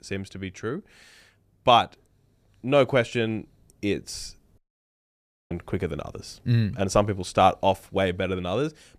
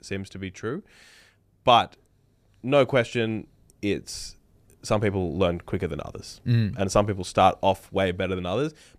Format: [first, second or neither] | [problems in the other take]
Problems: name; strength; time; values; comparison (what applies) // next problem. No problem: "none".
second | audio cutting out; at 4.5 s for 1 s